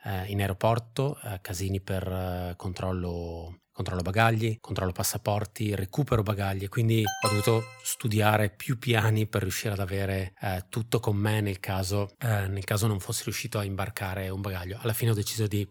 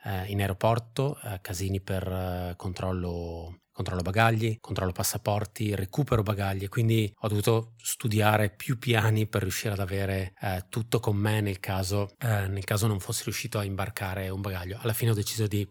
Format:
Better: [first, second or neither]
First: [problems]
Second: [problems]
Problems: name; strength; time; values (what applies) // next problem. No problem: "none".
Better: second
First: alarm; noticeable; at 7 s; peak level with the speech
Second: none